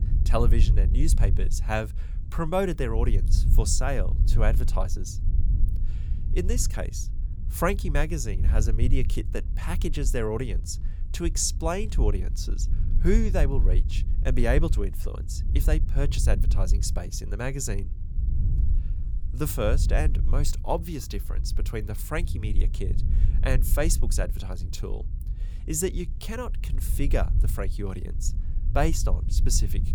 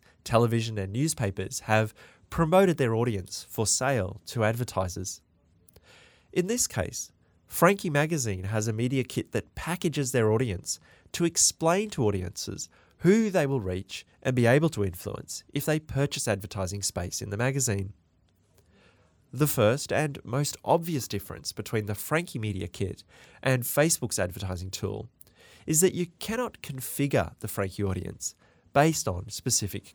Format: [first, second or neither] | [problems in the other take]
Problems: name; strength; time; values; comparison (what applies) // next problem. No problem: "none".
second | low rumble; noticeable; throughout; 15 dB below the speech